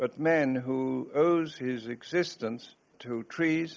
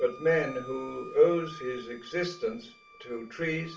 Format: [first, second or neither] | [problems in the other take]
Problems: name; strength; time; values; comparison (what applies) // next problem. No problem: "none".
first | background sound (Wind instrument, woodwind instrument); 18 dB below the speech // room echo; dies away in 0.3 s